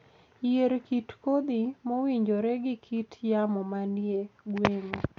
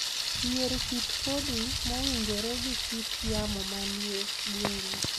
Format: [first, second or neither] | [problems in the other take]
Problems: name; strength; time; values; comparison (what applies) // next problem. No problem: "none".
first | background sound (Thunder); 3 dB above the speech